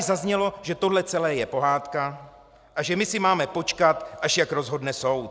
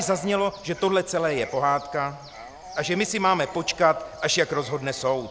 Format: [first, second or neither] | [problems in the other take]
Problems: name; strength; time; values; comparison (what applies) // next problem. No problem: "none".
first | background sound (Dog + Bird); 19 dB below the speech